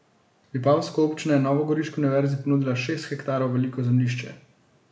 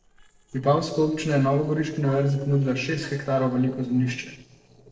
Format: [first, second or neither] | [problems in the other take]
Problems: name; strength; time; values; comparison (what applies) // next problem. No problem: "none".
first | noise reduction (neural separator model SepFormer DNS4)